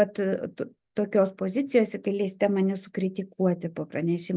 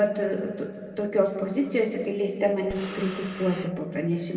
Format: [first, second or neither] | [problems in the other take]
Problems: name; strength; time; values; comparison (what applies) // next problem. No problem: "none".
first | background sound (Breathing); 14 dB below the speech // room echo; dies away in 2.1 s